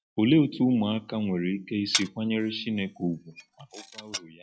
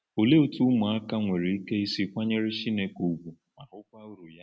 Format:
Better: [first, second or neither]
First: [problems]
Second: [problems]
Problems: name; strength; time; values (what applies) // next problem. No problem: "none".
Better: second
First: noise reduction (classical method log-MMSE)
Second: none